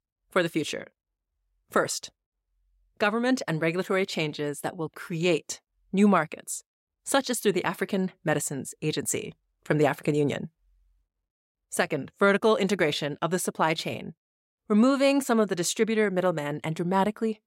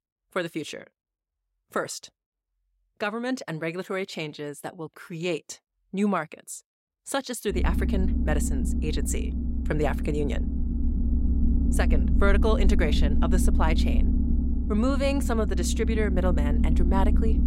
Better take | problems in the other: first | low rumble; loud; from 7.5 s on; 6 dB below the speech

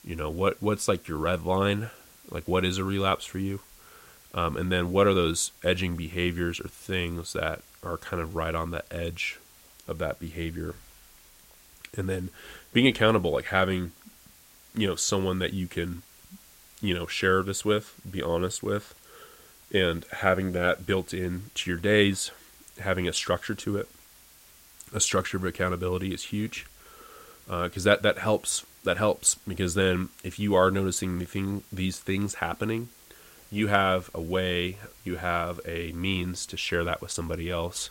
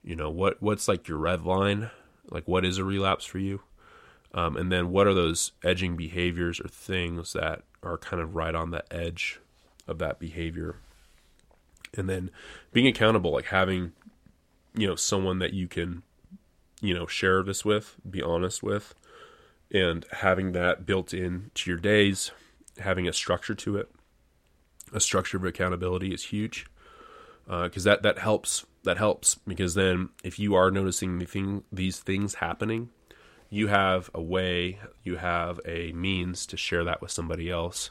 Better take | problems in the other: second | hiss; faint; throughout; 25 dB below the speech

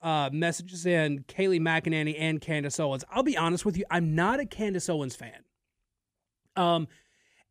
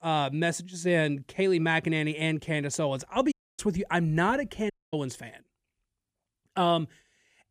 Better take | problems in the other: first | audio cutting out; at 3.5 s and at 4.5 s

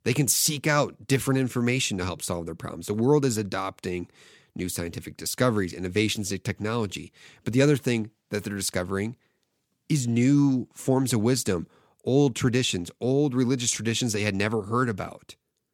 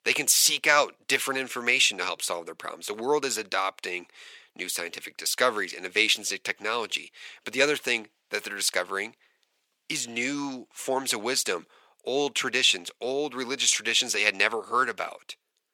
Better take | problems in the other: first | thin; very; fading below 600 Hz

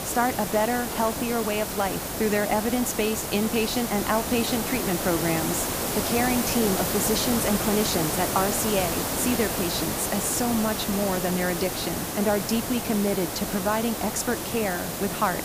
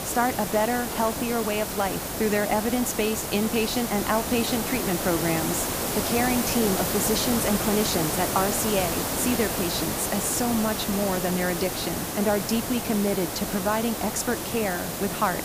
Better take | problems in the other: neither | hiss; loud; throughout; 1 dB below the speech; the same in both

